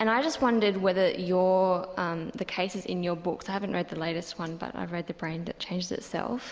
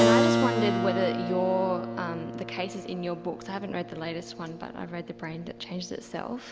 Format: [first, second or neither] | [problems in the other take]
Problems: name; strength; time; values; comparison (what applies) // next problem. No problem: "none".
first | background sound (Keyboard (musical)); 2 dB above the speech